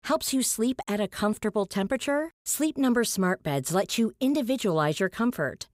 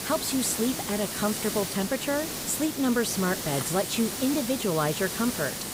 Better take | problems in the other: first | hiss; loud; throughout; 4 dB below the speech

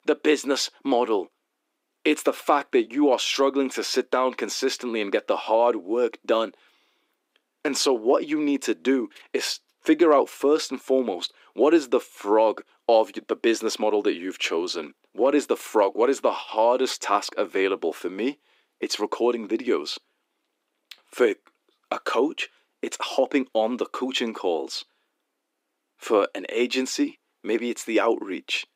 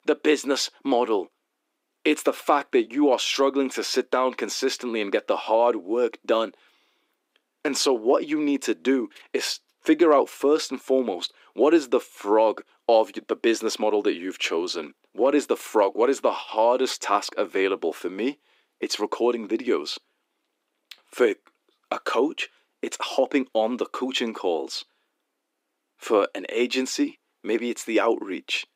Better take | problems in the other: neither | thin; somewhat; fading below 300 Hz; the same in both

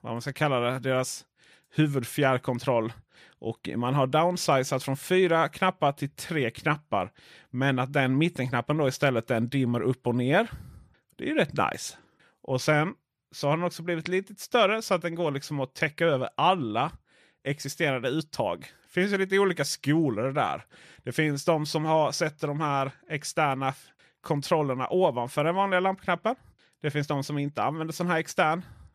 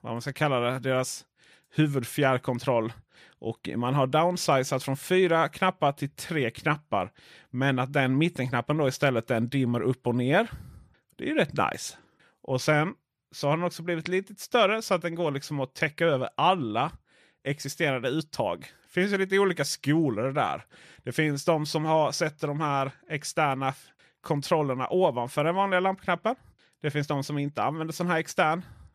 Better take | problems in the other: neither | none

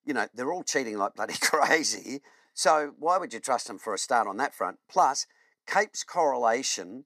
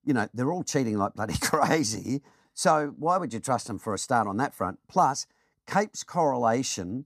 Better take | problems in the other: second | thin; somewhat; fading below 450 Hz

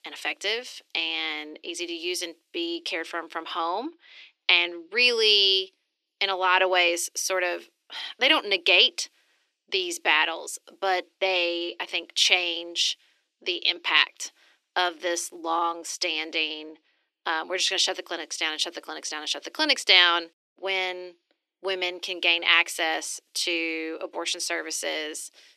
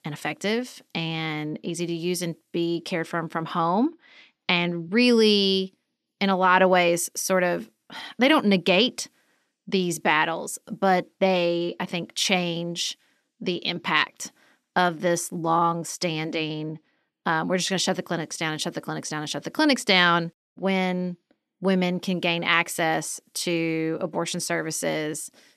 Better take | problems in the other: second | thin; very; fading below 350 Hz

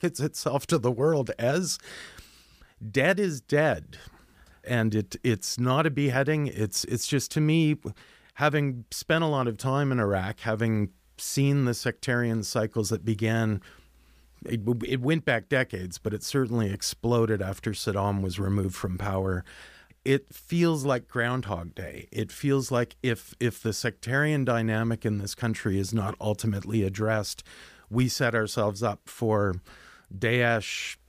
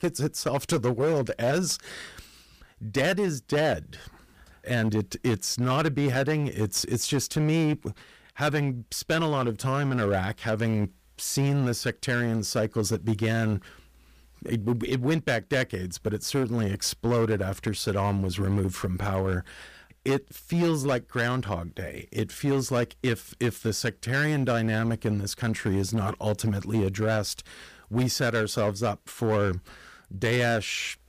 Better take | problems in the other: first | distortion; slight; 9% of the sound clipped

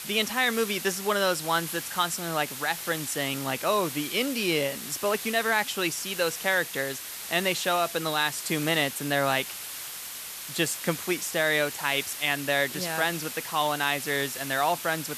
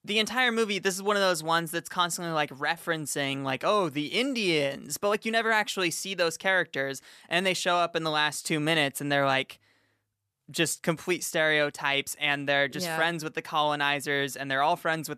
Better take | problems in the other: second | hiss; loud; throughout; 8 dB below the speech

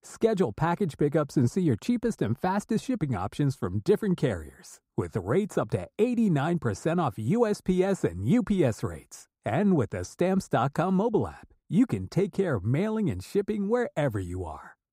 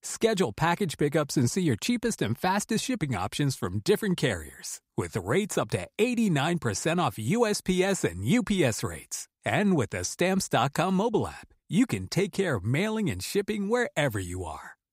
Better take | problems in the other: second | muffled; slightly; fading above 1 kHz

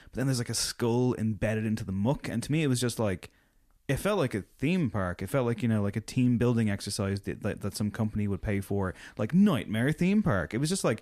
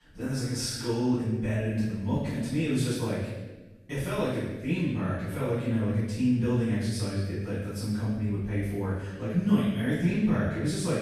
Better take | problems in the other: first | off-mic speech; far // room echo; strong; dies away in 1 s

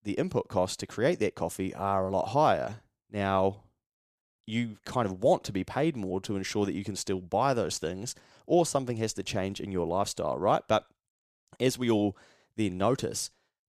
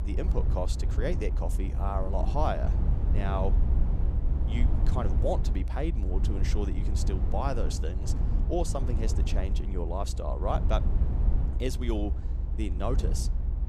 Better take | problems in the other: first | low rumble; loud; throughout; 9 dB below the speech

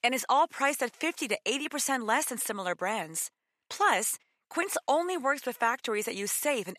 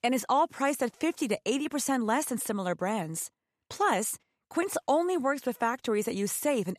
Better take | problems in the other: second | thin; very slightly; fading below 650 Hz

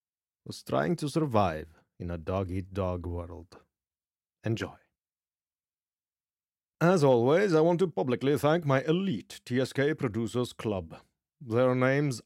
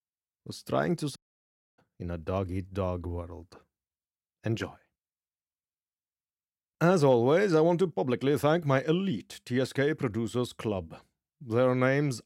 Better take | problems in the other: first | audio cutting out; at 1 s for 0.5 s

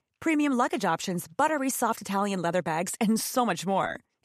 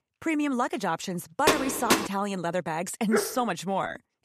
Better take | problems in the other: first | door banging; loud; at 1.5 s; peak 4 dB above the speech // dog barking; noticeable; at 3 s; peak level with the speech

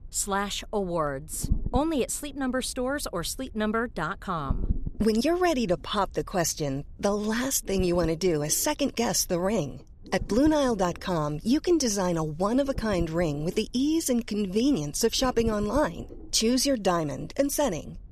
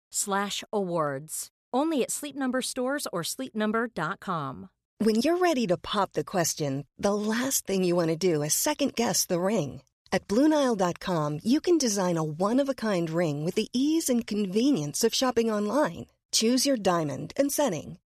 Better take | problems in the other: second | low rumble; faint; throughout; 20 dB below the speech

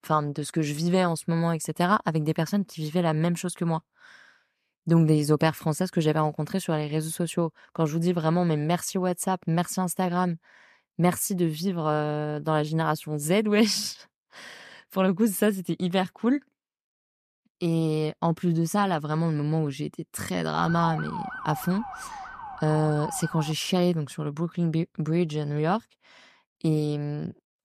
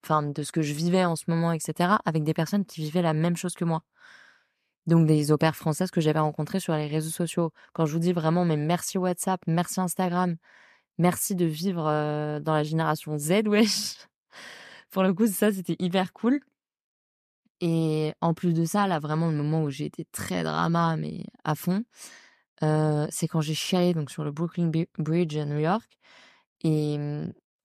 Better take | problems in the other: second | siren; noticeable; from 21 to 24 s; peak 7 dB below the speech

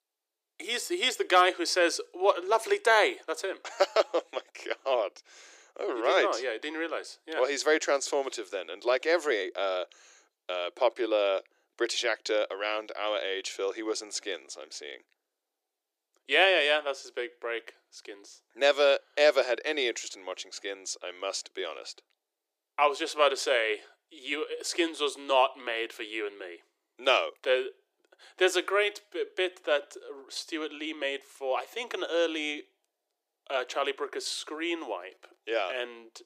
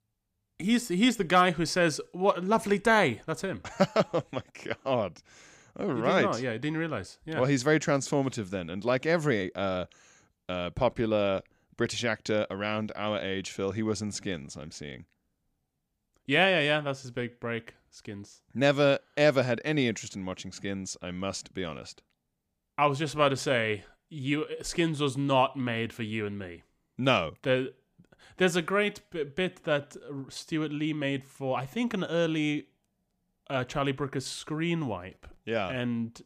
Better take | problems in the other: second | thin; very; fading below 350 Hz

